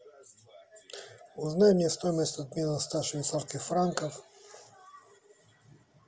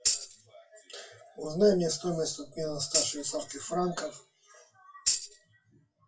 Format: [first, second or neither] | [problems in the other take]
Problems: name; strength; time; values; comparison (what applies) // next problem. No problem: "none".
first | noise reduction (classical method WPE with log-MMSE)